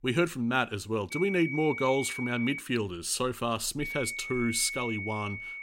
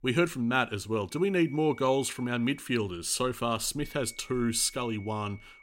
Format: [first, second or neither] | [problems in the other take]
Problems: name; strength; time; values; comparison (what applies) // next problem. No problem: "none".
second | high-pitched whine; loud; from 1 to 2.5 s and from 4 s on; 2 kHz, 6 dB below the speech; faint in the second